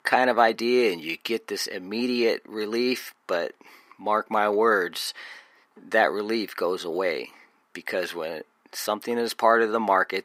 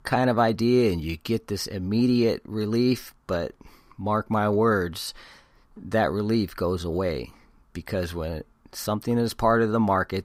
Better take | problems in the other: second | thin; somewhat; fading below 300 Hz

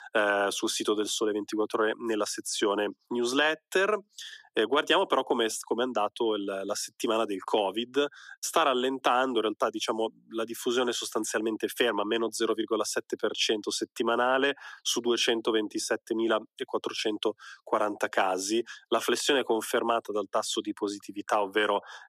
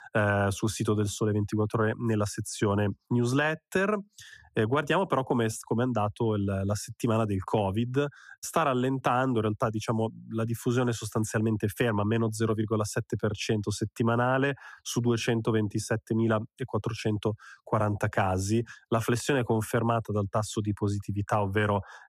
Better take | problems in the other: second | thin; somewhat; fading below 300 Hz

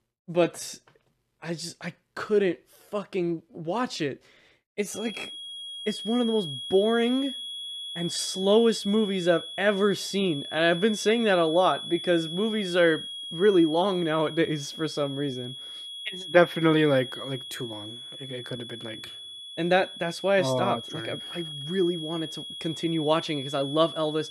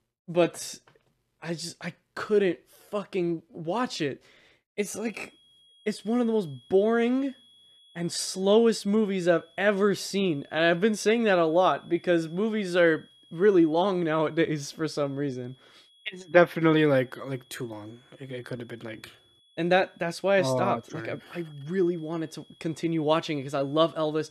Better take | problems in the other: second | high-pitched whine; loud; from 5 s on; 3.5 kHz, 10 dB below the speech; faint in the second

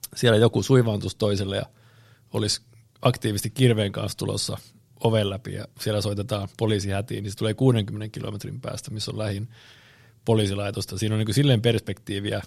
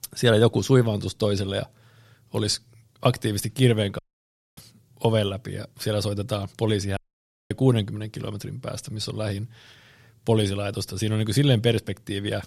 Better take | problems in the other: first | audio cutting out; at 4 s for 0.5 s and at 7 s for 0.5 s

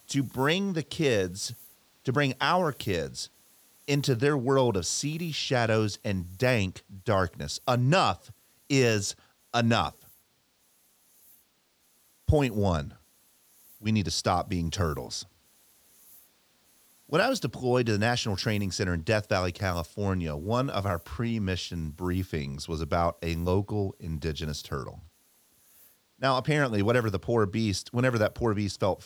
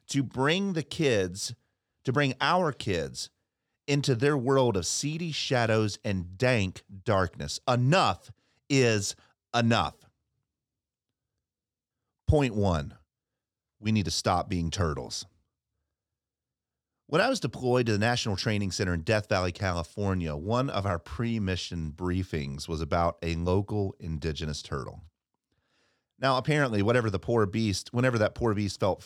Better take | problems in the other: second | hiss; faint; throughout; 30 dB below the speech

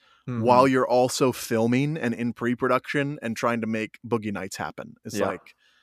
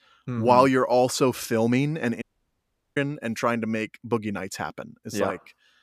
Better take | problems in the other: first | audio cutting out; at 2 s for 0.5 s

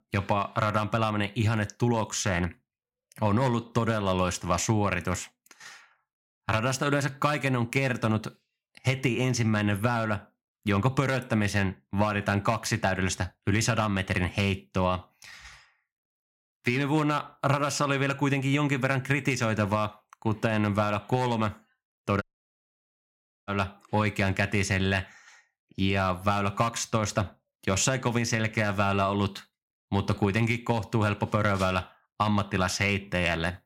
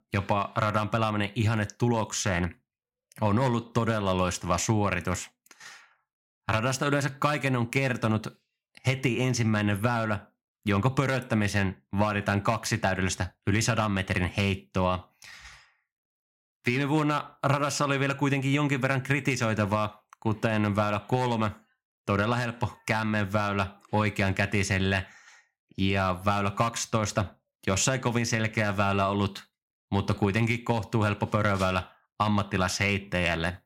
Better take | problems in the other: second | audio cutting out; at 22 s for 1.5 s

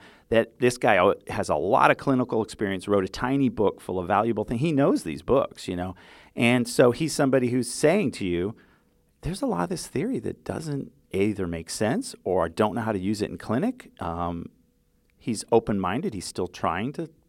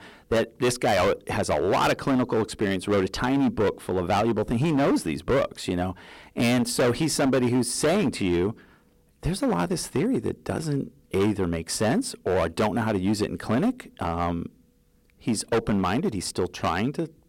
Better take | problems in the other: first | distortion; heavy; 12% of the sound clipped

